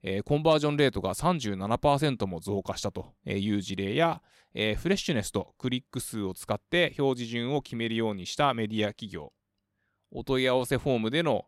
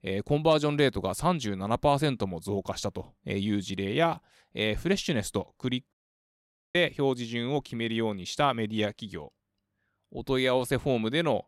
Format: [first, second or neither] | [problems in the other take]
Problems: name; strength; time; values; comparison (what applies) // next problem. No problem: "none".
first | audio cutting out; at 6 s for 1 s